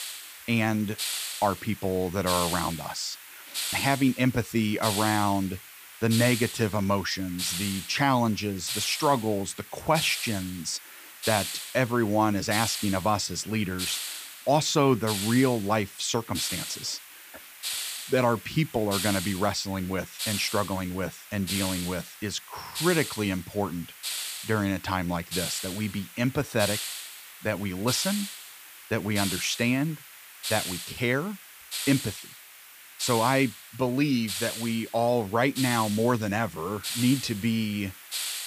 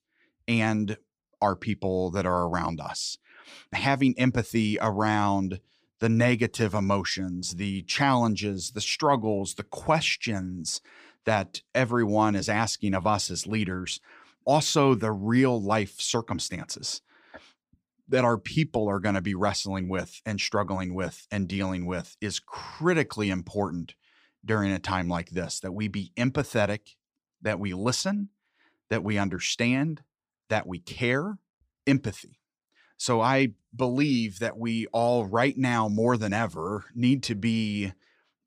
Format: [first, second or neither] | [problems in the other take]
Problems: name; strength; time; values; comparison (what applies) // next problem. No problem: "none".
second | hiss; loud; throughout; 6 dB below the speech